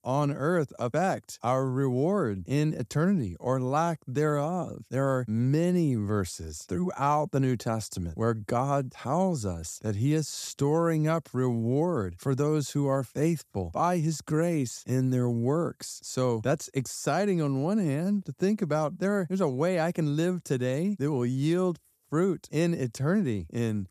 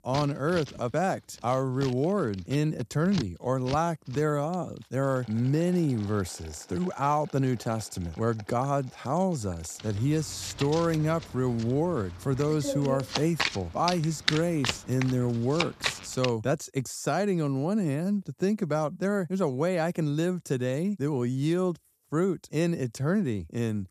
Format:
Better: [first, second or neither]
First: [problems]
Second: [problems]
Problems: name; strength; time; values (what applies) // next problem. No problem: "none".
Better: first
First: none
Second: household noises; loud; until 16 s; 7 dB below the speech